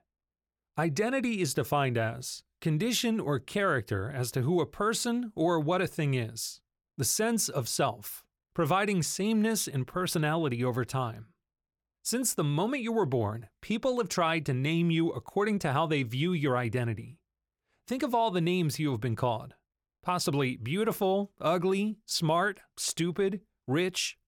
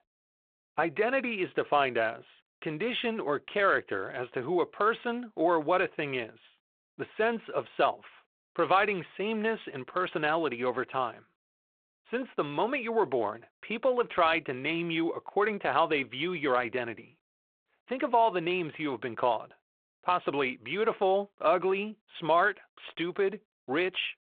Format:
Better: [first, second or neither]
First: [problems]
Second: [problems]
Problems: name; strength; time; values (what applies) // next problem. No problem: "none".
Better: first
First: none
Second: phone-call audio